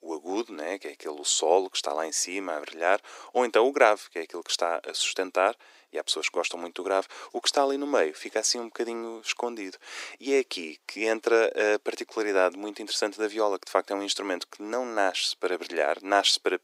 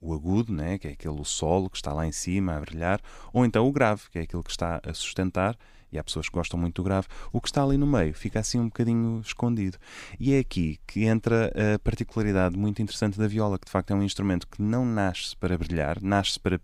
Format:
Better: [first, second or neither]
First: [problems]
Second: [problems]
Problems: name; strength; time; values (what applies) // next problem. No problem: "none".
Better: second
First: thin; very; fading below 350 Hz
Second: none